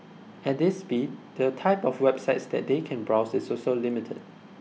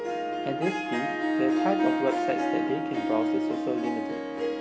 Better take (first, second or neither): first